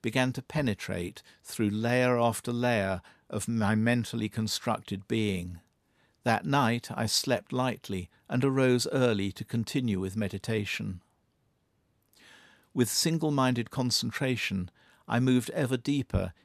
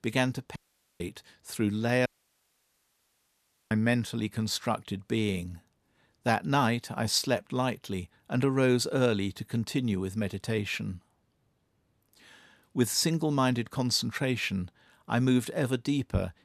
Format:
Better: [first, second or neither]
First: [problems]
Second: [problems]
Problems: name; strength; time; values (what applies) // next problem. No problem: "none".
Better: first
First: none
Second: audio cutting out; at 0.5 s and at 2 s for 1.5 s